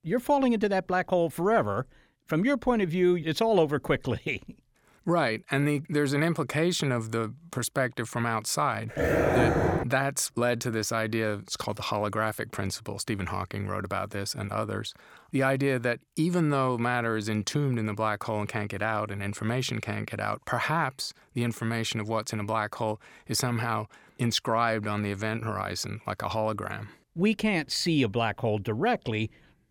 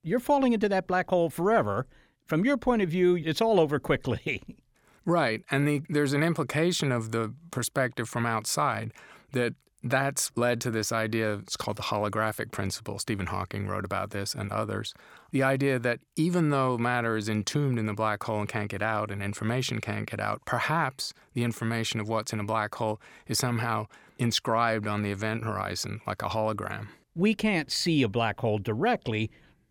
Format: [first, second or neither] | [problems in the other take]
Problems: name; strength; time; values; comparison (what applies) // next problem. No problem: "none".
second | dog barking; loud; at 9 s; peak 5 dB above the speech